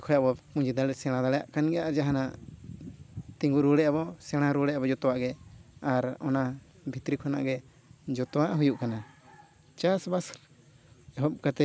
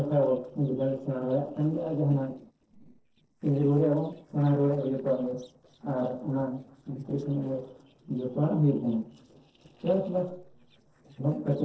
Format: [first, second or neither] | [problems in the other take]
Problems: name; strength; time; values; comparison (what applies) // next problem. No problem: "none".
first | noise reduction (neural separator model SepFormer DNS4)